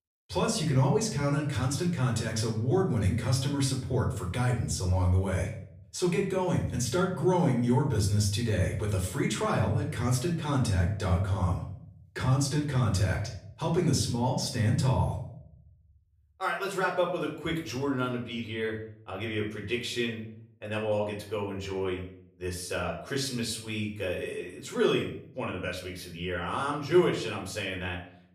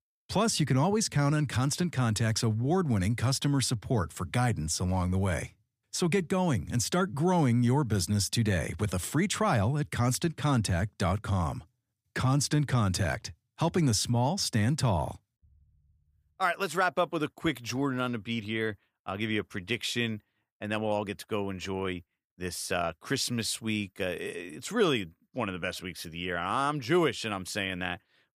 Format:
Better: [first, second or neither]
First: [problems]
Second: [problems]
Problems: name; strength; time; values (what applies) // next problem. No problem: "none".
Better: second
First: off-mic speech; far // room echo; slight; dies away in 0.5 s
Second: none